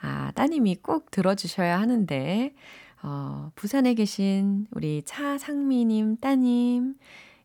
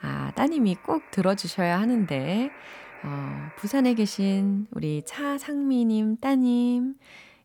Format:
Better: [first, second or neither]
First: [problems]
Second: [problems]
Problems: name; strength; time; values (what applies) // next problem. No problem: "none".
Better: first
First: none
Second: alarms or sirens; faint; until 5 s; 20 dB below the speech